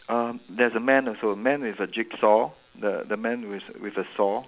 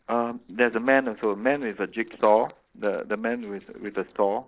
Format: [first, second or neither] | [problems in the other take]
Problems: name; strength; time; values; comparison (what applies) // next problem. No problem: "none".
first | noise reduction (neural separator model SepFormer DNS4)